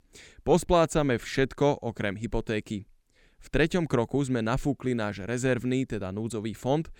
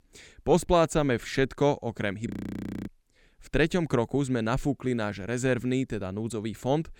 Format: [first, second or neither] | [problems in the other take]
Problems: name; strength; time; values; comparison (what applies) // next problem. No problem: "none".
first | audio freezing; at 2.5 s for 0.5 s